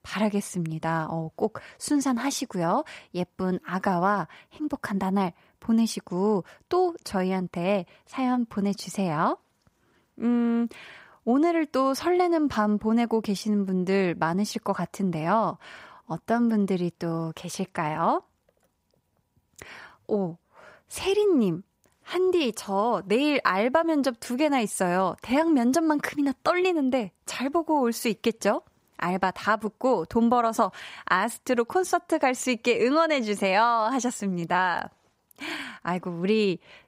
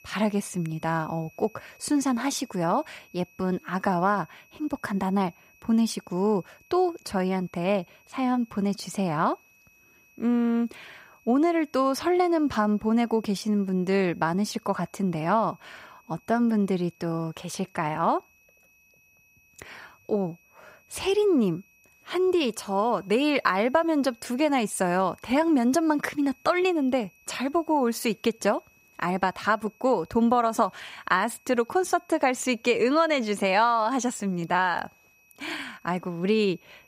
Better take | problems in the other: first | high-pitched whine; faint; throughout; 2.5 kHz, 30 dB below the speech

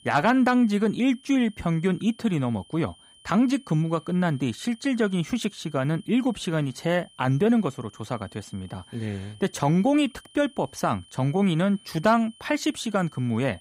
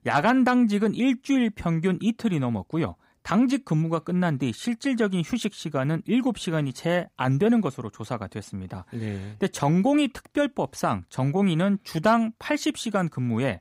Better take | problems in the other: second | high-pitched whine; faint; throughout; 3 kHz, 25 dB below the speech

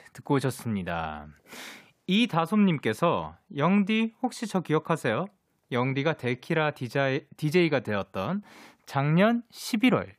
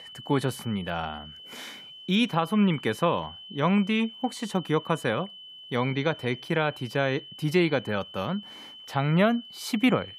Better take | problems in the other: first | high-pitched whine; noticeable; throughout; 3 kHz, 15 dB below the speech

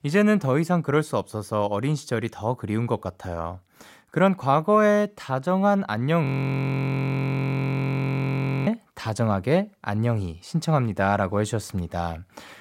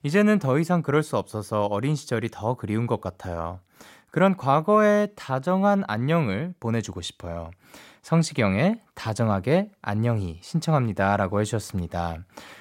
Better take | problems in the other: second | audio freezing; at 6.5 s for 2.5 s

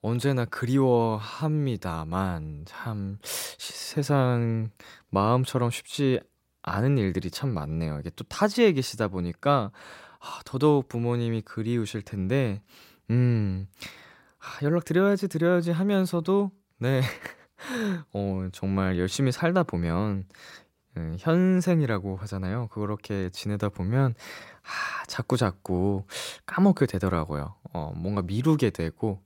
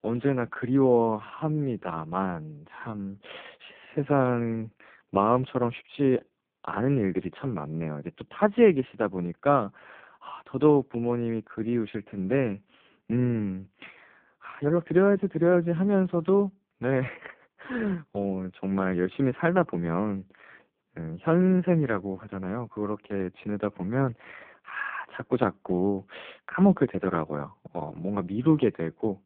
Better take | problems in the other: first | phone-call audio; poor line

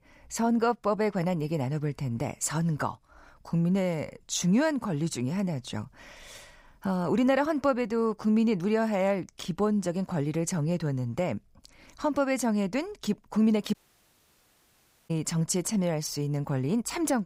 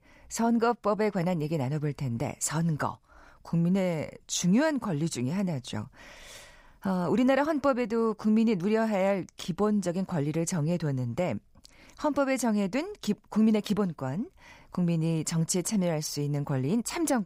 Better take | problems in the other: second | audio cutting out; at 14 s for 1.5 s

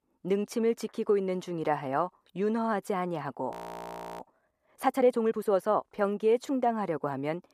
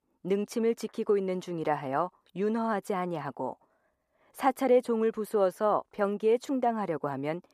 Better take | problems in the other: second | audio freezing; at 3.5 s for 0.5 s

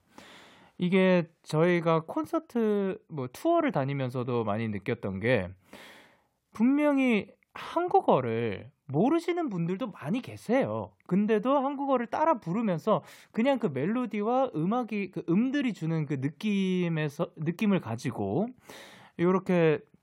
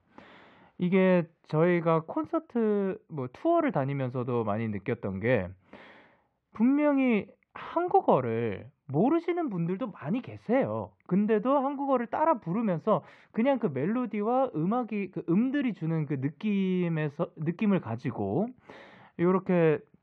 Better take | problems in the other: first | muffled; slightly; fading above 2.5 kHz

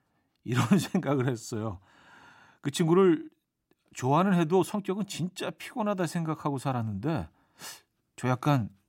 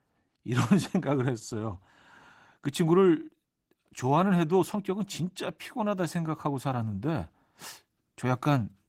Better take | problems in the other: first | garbled, watery; slightly; nothing above 16 kHz

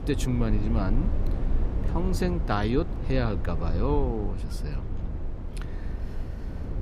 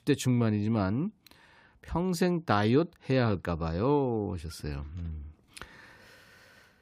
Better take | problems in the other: second | low rumble; noticeable; throughout; 10 dB below the speech

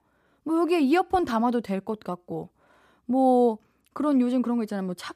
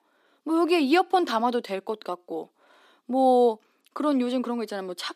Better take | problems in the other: first | thin; very slightly; fading below 300 Hz

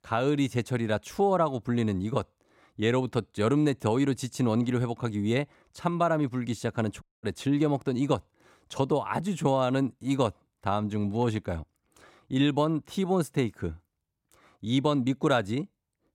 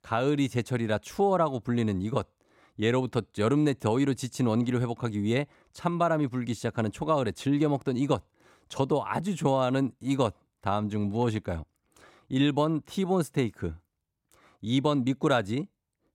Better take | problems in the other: second | audio cutting out; at 7 s

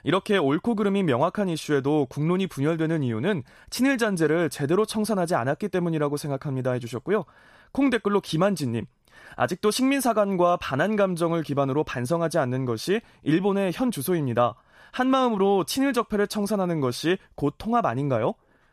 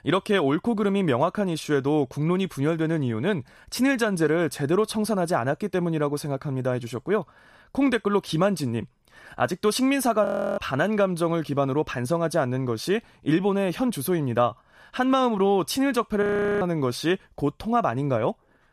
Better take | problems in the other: first | audio freezing; at 10 s and at 16 s

